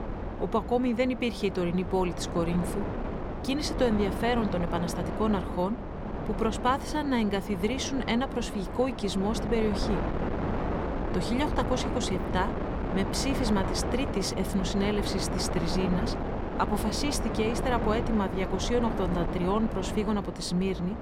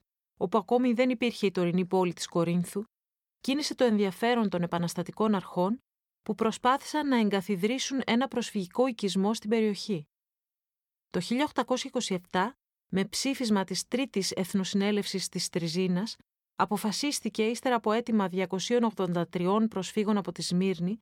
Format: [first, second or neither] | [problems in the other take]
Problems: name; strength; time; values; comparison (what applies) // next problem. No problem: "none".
second | wind noise on the microphone; heavy; 4 dB below the speech